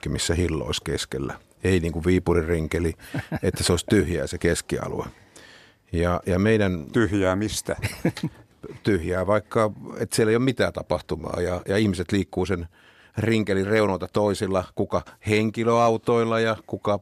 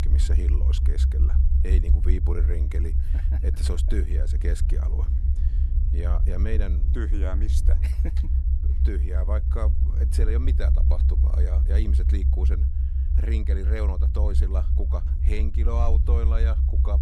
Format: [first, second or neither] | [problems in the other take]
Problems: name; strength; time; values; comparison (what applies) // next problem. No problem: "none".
first | low rumble; loud; throughout; 4 dB below the speech